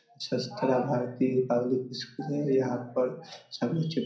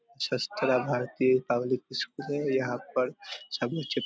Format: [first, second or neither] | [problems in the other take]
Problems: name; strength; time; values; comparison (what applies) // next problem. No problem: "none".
second | room echo; dies away in 0.6 s